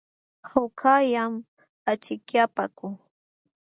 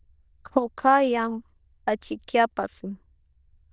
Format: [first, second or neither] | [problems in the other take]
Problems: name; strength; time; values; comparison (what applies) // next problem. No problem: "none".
first | noise reduction (neural diffusion model UNIVERSE++)